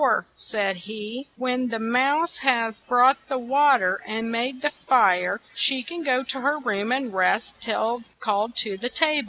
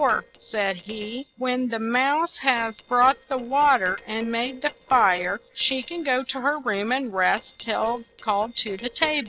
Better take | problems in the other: first | noise reduction (neural separator model SepFormer DNS4)

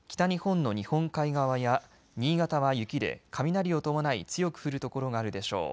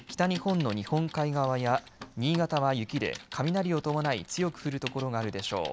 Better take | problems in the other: first | background sound (Typing); 16 dB below the speech

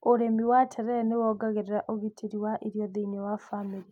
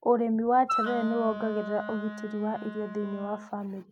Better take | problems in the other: first | background sound (Wind instrument, woodwind instrument); 7 dB below the speech

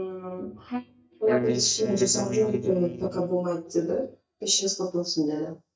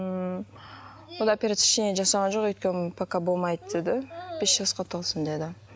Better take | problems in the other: second | noise reduction (neural mask model DeepFilterNet 3)

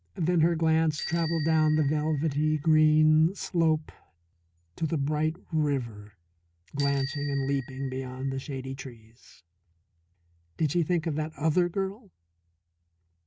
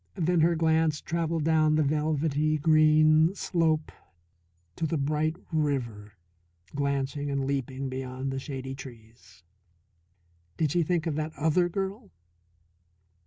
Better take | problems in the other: second | noise reduction (neural mask model RNNoise)

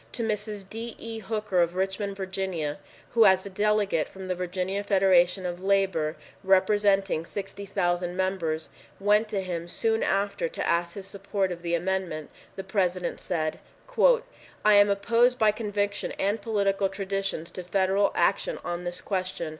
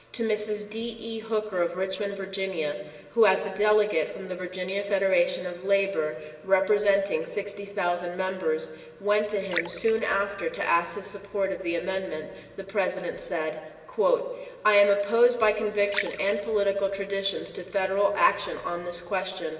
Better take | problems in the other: first | background sound (Liquid); 16 dB below the speech // room echo; dies away in 2.3 s

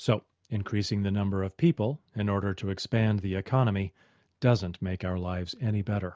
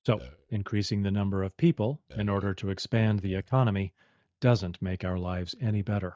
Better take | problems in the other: first | noise reduction (neural mask model DeepFilterNet 3)

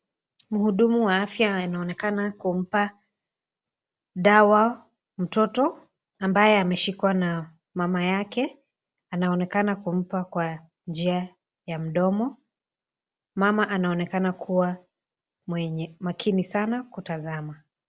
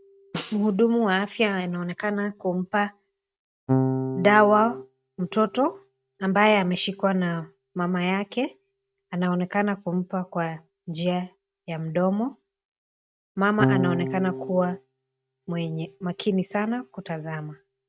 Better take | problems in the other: first | noise reduction (neural mask model RNNoise)

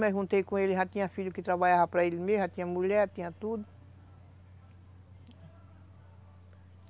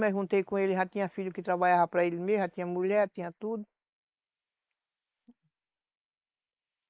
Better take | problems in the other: first | noise reduction (neural mask model Resemble Enhance denoiser)

